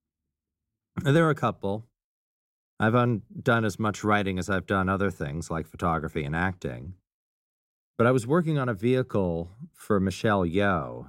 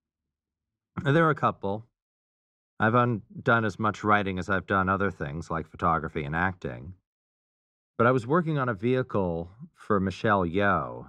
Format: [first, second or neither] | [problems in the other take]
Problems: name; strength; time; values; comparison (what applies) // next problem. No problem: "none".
first | muffled; slightly; fading above 5 kHz